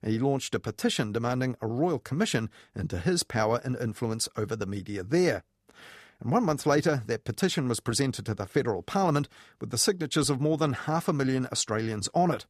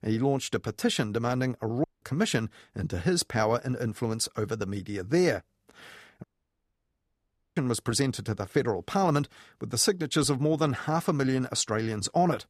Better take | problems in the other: first | audio cutting out; at 2 s and at 6 s for 1.5 s

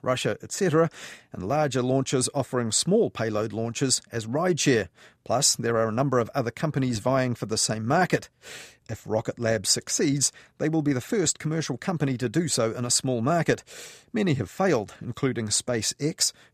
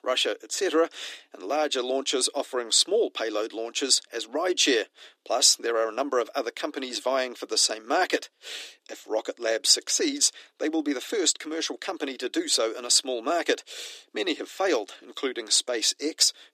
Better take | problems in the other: first | thin; somewhat; fading below 300 Hz

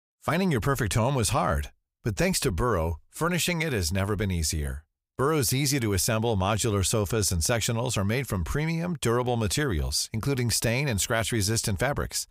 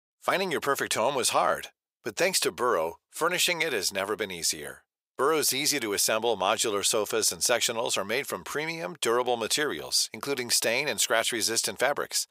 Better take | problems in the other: first | thin; very; fading below 450 Hz

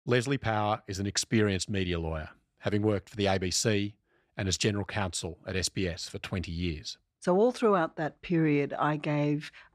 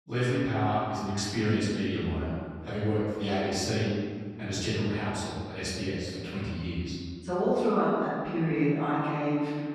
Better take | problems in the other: first | room echo; strong; dies away in 2 s // off-mic speech; far

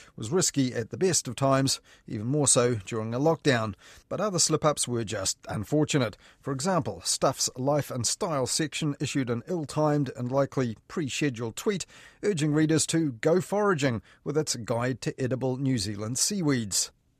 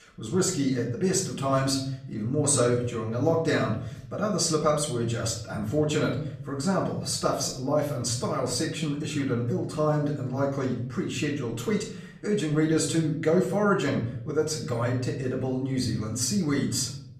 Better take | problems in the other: first | off-mic speech; far // room echo; slight; dies away in 0.8 s

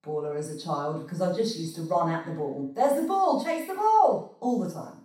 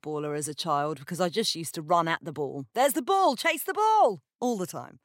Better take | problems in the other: second | room echo; noticeable; dies away in 0.7 s // off-mic speech; far

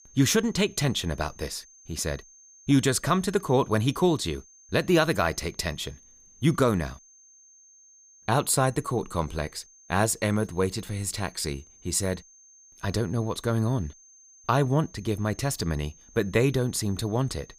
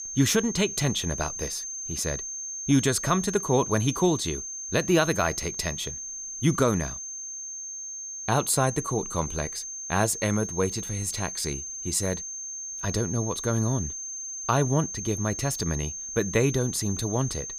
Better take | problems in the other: first | high-pitched whine; loud; throughout; 6.5 kHz, 6 dB below the speech; faint in the first

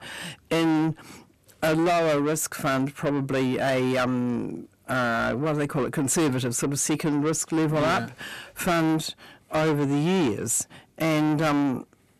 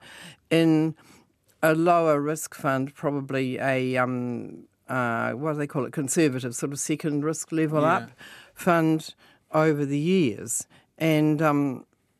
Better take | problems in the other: second | distortion; heavy; 6 dB below the speech

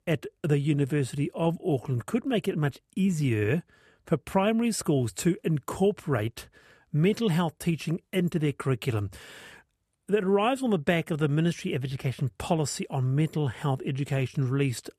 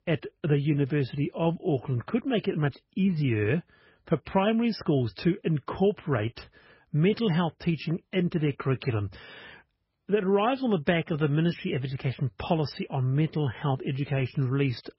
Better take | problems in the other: first | garbled, watery; badly; nothing above 5.5 kHz

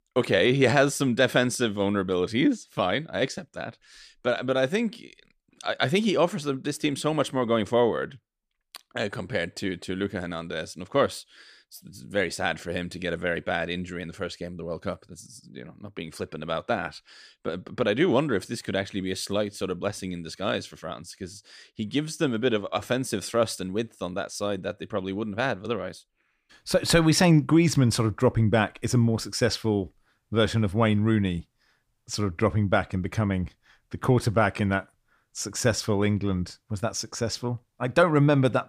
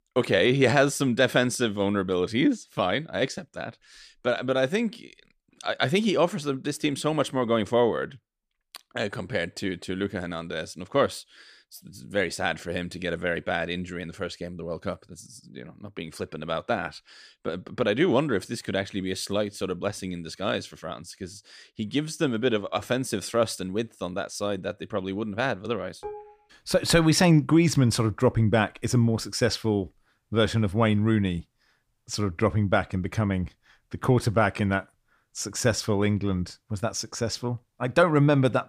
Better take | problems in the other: first | clattering dishes; faint; at 26 s; peak 15 dB below the speech

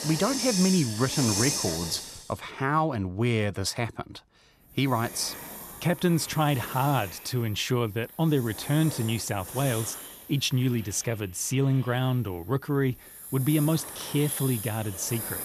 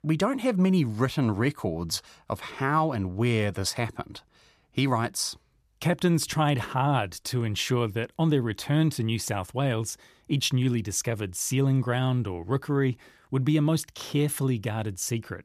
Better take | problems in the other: second | hiss; loud; throughout; 6 dB below the speech

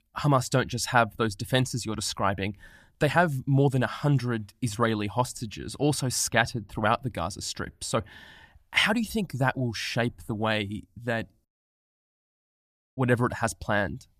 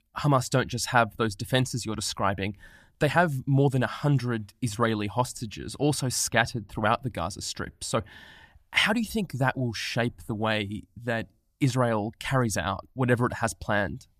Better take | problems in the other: second | audio cutting out; at 11 s for 1.5 s

